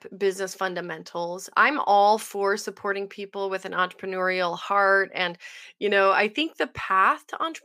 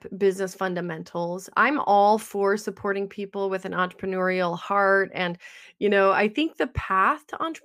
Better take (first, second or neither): second